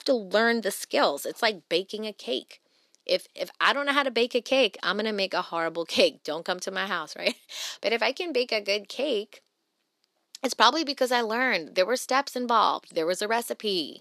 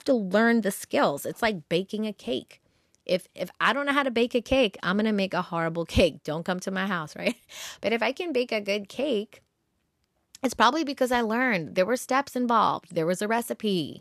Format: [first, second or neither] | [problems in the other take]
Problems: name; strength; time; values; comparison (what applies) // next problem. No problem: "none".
second | thin; very slightly; fading below 300 Hz